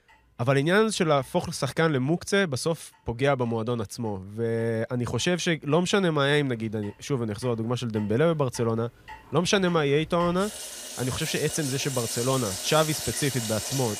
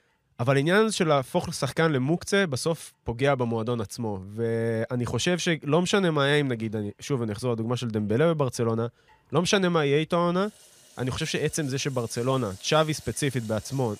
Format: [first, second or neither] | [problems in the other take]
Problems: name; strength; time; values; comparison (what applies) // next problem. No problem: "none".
second | household noises; loud; throughout; 7 dB below the speech; faint in the second